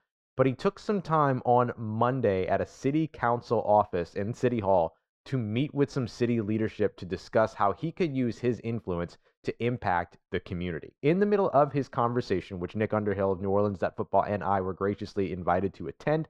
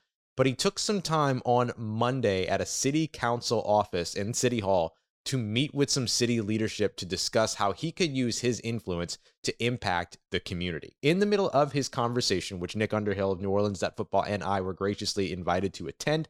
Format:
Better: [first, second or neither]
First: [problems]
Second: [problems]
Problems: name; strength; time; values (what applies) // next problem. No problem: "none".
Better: second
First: muffled; very; fading above 3.5 kHz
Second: none